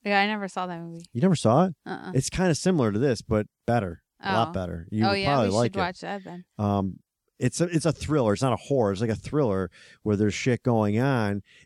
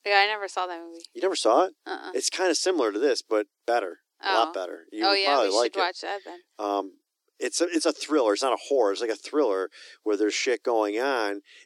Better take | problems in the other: first | thin; very; fading below 300 Hz

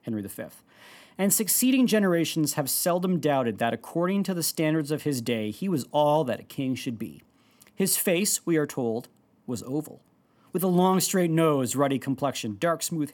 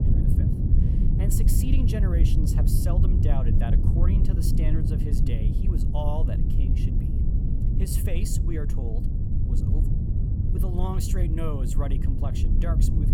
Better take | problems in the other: first | low rumble; loud; throughout; as loud as the speech

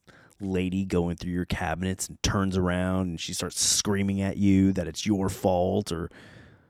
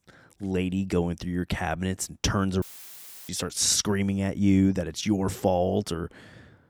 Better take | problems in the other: first | audio cutting out; filled with static; at 2.5 s for 0.5 s

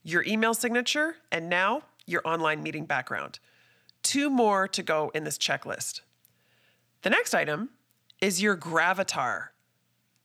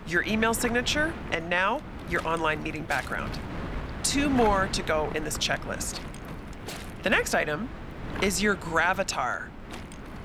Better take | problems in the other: first | wind noise on the microphone; occasional gusts; 15 dB below the speech

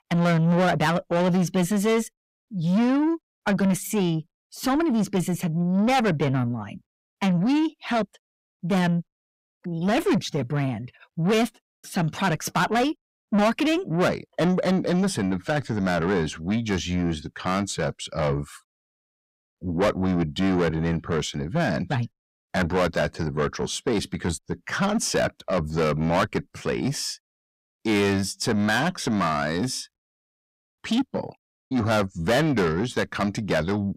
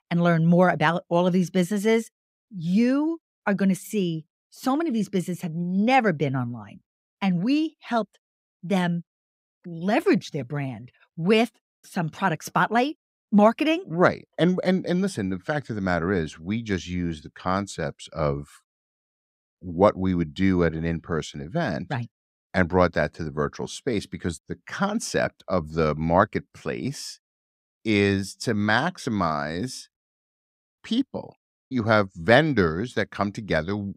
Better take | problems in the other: second | distortion; heavy; 6 dB below the speech

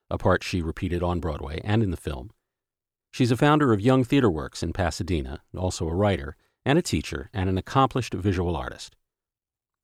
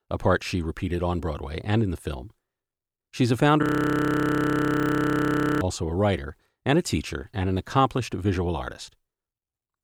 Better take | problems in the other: first | audio freezing; at 3.5 s for 2 s

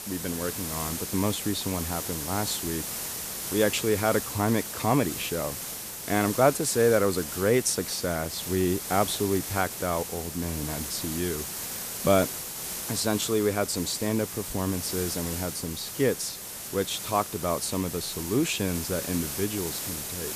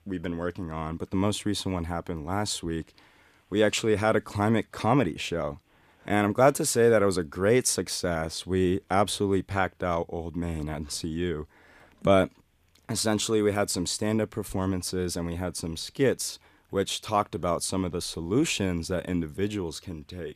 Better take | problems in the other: second | hiss; loud; throughout; 5 dB below the speech

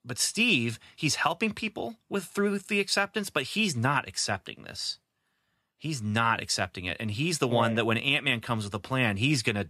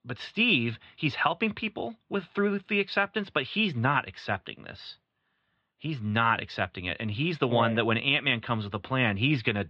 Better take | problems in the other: first | muffled; very; fading above 3.5 kHz

